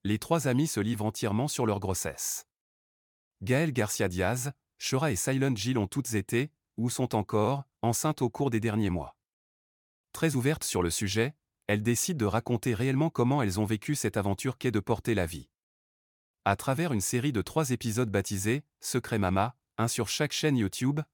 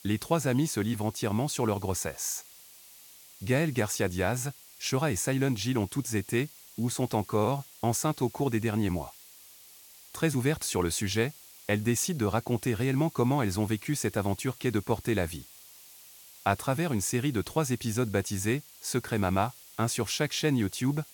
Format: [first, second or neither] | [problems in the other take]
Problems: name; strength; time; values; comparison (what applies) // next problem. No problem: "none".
first | hiss; noticeable; throughout; 20 dB below the speech